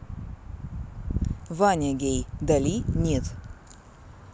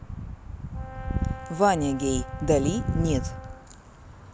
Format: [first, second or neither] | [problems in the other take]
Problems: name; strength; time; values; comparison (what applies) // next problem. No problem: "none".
first | background sound (Brass instrument); 17 dB below the speech